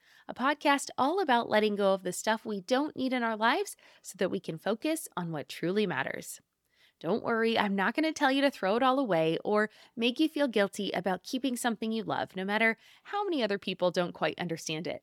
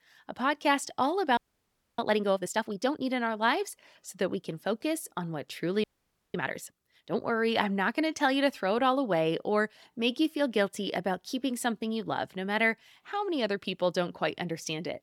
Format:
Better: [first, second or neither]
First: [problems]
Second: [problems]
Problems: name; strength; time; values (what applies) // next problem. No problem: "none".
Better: first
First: none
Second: audio freezing; at 1.5 s for 0.5 s and at 6 s for 0.5 s